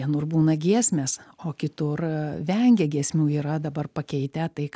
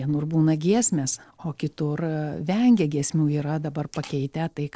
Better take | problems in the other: first | noise reduction (neural separator model SepFormer DNS4)

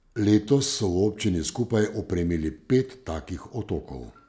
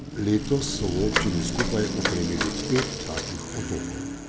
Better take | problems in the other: first | background sound (Bicycle + Car passing by / Traffic noise, roadway noise / Engine); 1 dB below the speech

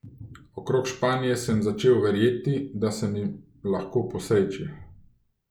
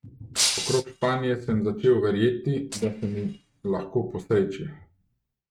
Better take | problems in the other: first | noise reduction (neural mask model RNNoise)

